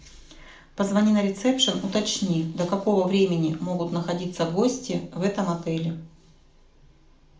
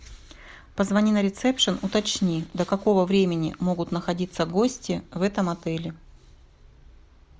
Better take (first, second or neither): second